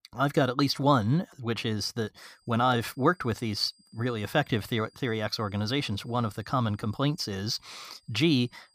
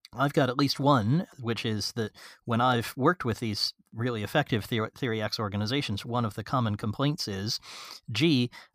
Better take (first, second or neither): second